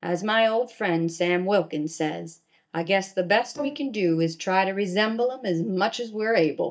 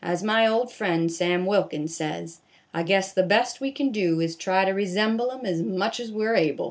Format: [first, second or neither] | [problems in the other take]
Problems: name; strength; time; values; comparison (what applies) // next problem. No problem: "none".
second | noise reduction (neural mask model DeepFilterNet 3)